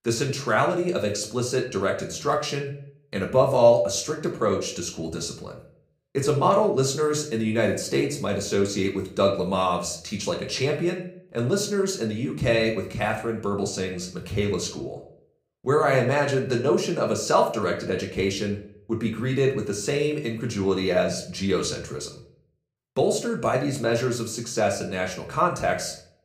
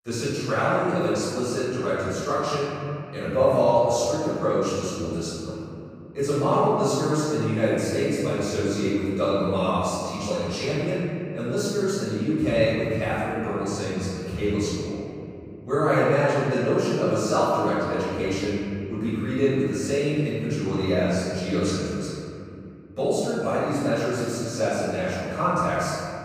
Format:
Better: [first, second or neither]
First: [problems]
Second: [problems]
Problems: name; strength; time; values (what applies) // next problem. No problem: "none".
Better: first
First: room echo; slight; dies away in 0.4 s // off-mic speech; somewhat distant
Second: room echo; strong; dies away in 2.7 s // off-mic speech; far